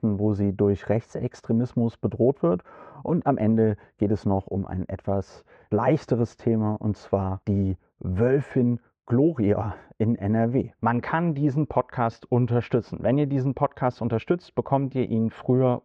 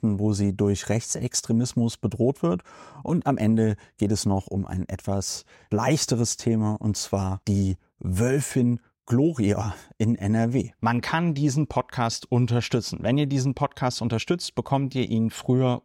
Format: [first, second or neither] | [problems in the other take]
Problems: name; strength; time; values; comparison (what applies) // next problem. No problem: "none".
second | muffled; very; fading above 1.5 kHz